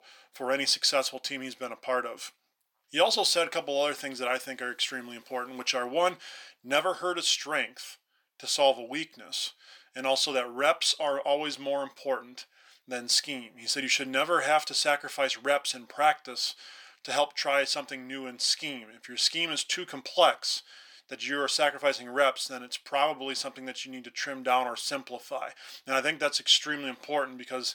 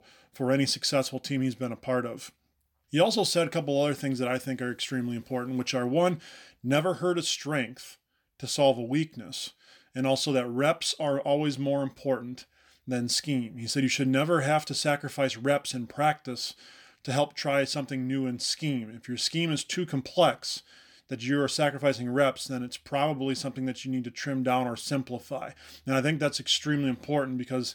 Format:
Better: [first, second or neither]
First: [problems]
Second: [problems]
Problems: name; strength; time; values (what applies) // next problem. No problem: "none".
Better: second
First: thin; somewhat; fading below 550 Hz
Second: none